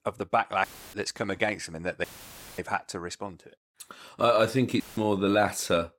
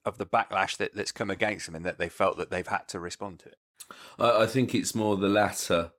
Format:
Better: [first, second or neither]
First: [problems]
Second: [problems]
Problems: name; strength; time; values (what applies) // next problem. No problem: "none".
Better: second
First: audio cutting out; filled with static; at 0.5 s, at 2 s for 0.5 s and at 5 s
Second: none